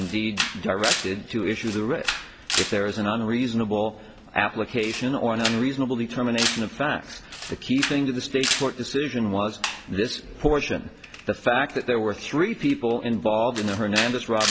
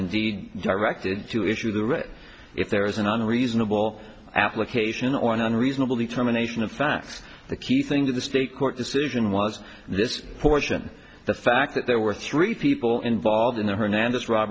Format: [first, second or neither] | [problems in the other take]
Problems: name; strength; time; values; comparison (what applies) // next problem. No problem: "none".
second | background sound (Camera); 7 dB below the speech